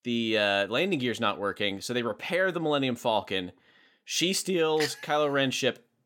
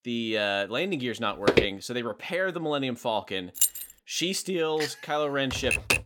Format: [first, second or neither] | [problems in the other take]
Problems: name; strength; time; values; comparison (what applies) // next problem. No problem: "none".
first | footsteps; loud; at 1.5 s; peak 5 dB above the speech // jangling keys; loud; at 3.5 s; peak 4 dB above the speech // keyboard typing; loud; at 5.5 s; peak 4 dB above the speech